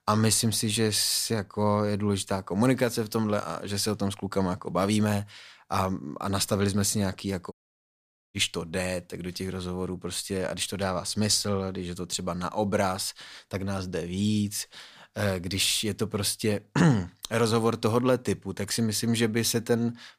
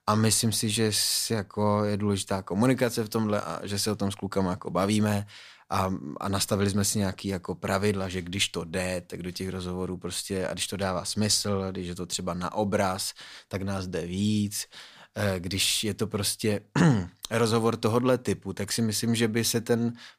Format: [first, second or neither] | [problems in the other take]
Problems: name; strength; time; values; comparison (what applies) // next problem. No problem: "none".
second | audio cutting out; at 7.5 s for 1 s